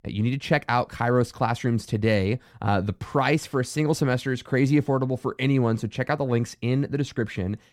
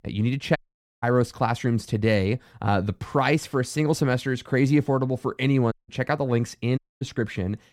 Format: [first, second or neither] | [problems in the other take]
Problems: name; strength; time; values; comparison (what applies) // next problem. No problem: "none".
first | audio cutting out; at 0.5 s, at 5.5 s and at 7 s